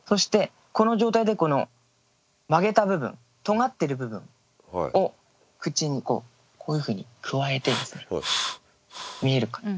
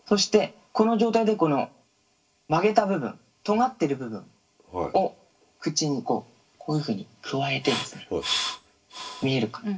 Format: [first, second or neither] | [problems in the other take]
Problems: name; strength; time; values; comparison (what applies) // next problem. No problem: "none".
first | room echo; dies away in 0.2 s